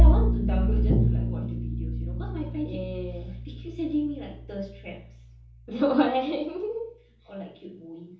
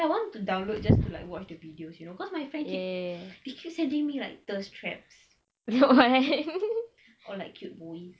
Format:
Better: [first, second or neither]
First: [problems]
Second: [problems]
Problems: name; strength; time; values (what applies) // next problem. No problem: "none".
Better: second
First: background sound (Bowed string instrument); 4 dB above the speech // room echo; dies away in 1.2 s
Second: none